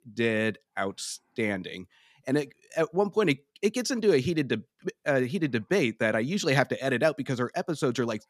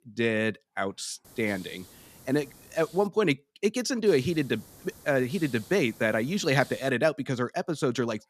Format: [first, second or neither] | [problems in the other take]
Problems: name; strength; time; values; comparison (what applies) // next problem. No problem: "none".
first | hiss; faint; from 1.5 to 3 s and from 4 to 7 s; 20 dB below the speech